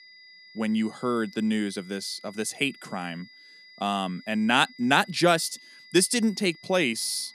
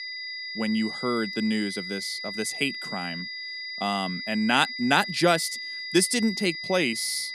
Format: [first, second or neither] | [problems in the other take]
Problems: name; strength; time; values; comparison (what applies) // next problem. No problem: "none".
first | high-pitched whine; loud; throughout; 2 kHz, 7 dB below the speech; faint in the first